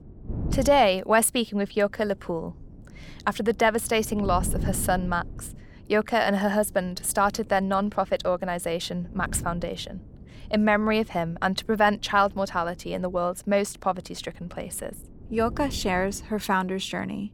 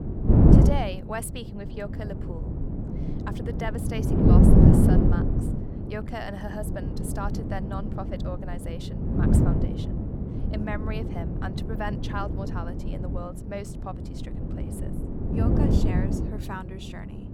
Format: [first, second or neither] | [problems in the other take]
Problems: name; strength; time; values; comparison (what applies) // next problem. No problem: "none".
first | wind noise on the microphone; heavy; 4 dB above the speech; occasional gusts in the first